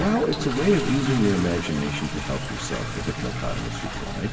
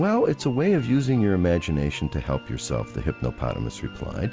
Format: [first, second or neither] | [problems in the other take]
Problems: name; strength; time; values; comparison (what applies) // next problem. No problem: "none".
second | background sound (Toilet flush); 8 dB below the speech // room echo; dies away in 1.1 s